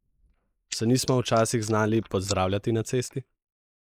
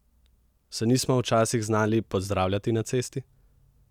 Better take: second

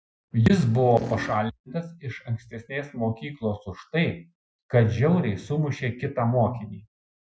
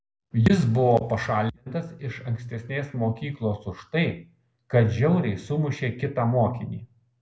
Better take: second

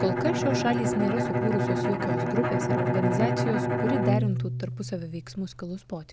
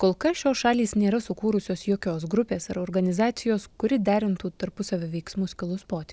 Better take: second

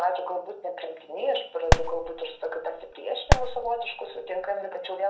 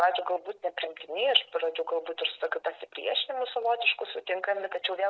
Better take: second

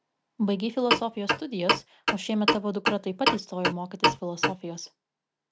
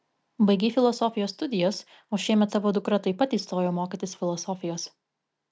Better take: second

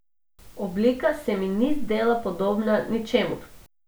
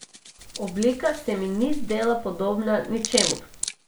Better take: first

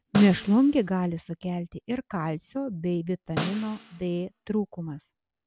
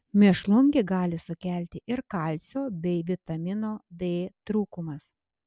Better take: second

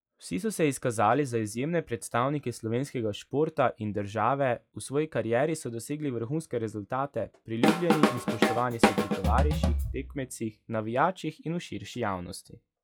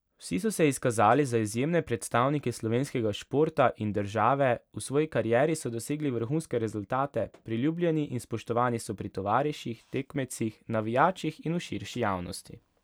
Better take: second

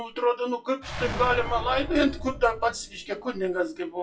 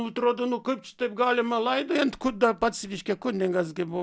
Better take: second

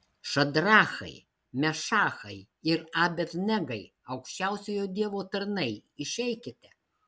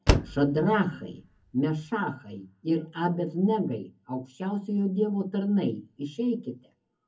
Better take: first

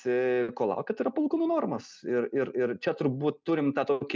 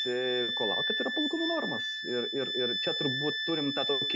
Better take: first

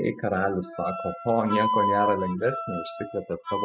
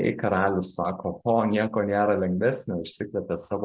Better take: second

